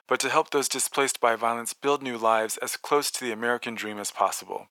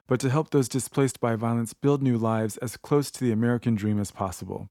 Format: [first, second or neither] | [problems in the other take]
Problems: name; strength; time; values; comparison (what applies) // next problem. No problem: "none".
second | thin; very; fading below 750 Hz